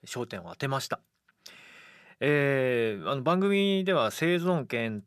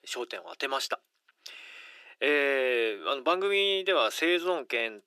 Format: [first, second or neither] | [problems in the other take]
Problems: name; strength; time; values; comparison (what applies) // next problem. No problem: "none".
first | thin; very; fading below 300 Hz